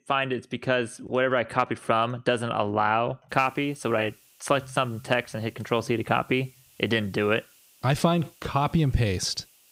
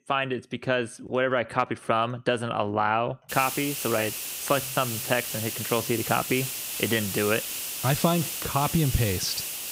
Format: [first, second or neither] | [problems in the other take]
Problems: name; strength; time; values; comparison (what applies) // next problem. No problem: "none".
first | hiss; loud; from 3.5 s on; 4 dB below the speech; faint in the first